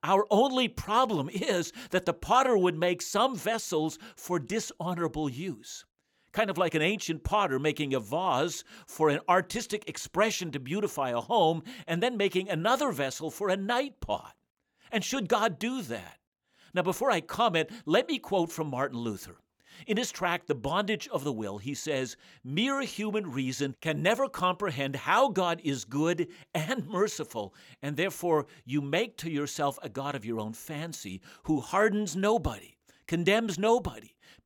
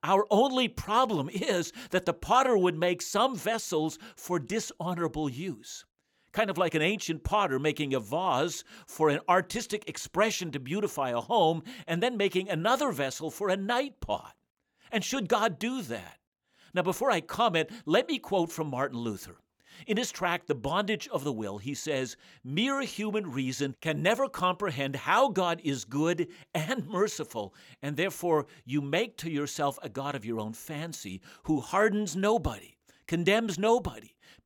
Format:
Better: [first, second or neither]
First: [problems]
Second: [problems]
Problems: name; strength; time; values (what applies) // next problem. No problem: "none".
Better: neither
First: none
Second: none